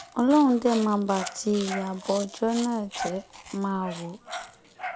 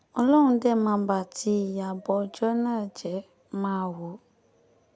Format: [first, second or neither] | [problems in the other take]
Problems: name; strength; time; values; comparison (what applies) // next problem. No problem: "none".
second | background sound (Dog + Chewing, mastication); 13 dB below the speech